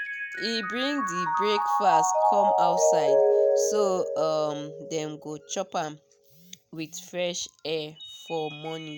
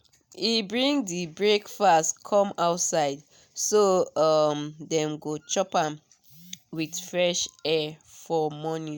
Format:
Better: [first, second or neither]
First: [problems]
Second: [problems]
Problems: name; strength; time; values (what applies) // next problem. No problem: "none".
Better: second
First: background sound (Mallet percussion); 3 dB above the speech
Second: none